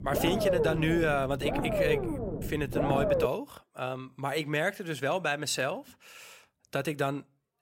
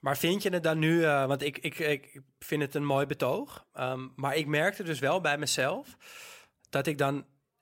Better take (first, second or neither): second